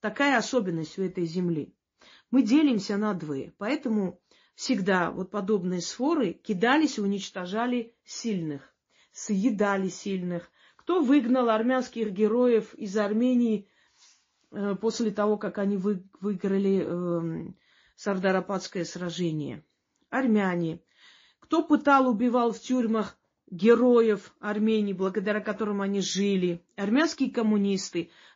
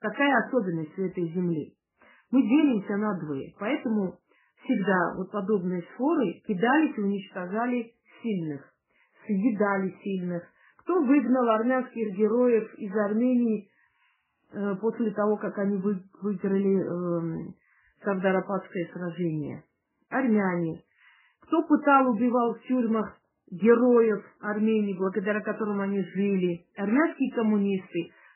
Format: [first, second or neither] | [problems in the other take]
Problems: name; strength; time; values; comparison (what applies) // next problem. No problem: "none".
first | garbled, watery; badly; nothing above 3 kHz; slightly in the first